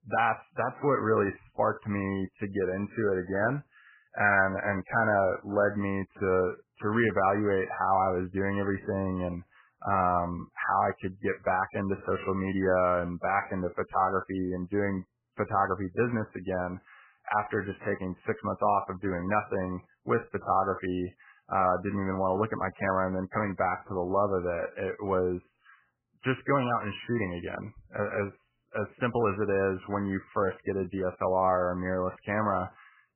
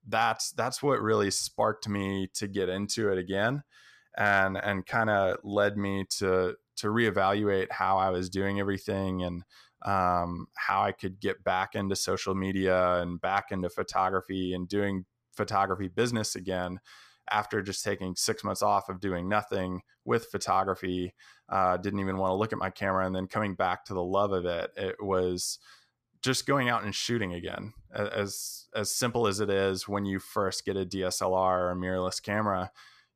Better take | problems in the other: second | garbled, watery; badly; nothing above 3 kHz

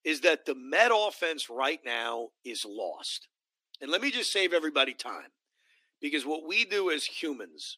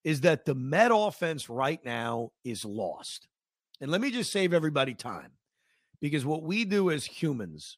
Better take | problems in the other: second | thin; somewhat; fading below 300 Hz

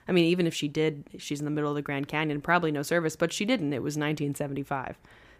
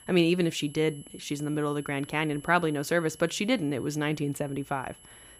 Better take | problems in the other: first | high-pitched whine; faint; throughout; 11 kHz, 20 dB below the speech

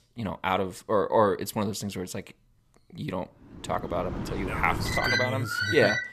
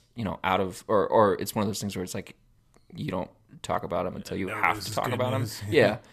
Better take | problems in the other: second | animal sounds; loud; from 4 s on; 1 dB below the speech

